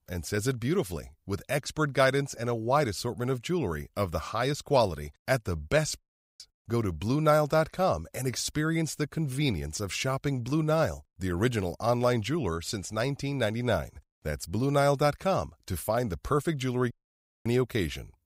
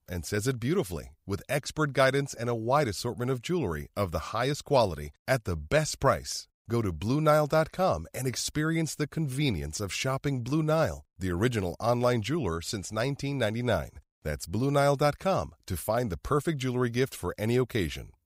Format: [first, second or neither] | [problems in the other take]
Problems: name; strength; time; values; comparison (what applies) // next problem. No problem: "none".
second | audio cutting out; at 6 s and at 17 s for 0.5 s